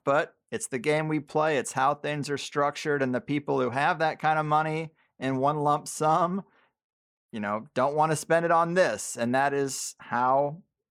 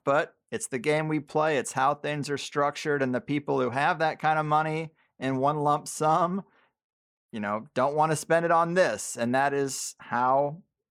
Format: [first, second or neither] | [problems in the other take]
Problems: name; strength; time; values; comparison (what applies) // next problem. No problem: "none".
neither | none